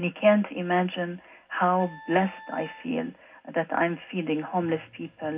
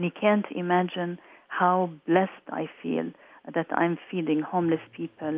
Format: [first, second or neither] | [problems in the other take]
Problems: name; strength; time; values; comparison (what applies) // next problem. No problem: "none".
second | background sound (Wind instrument, woodwind instrument); 20 dB below the speech // room echo; dies away in 0.4 s